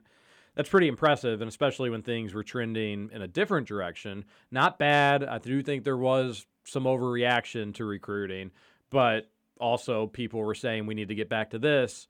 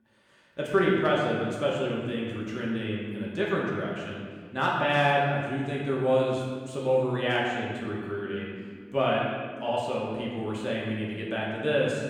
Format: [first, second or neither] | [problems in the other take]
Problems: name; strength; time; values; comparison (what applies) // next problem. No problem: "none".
first | room echo; noticeable; dies away in 1.6 s // off-mic speech; far